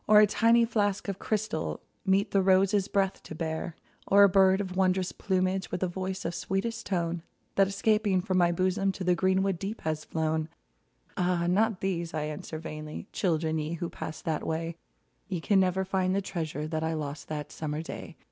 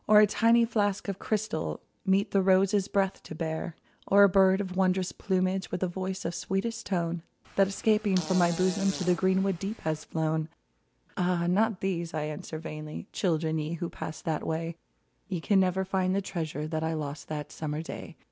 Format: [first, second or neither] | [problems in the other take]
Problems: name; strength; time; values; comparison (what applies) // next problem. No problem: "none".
first | background sound (Fart); 14 dB below the speech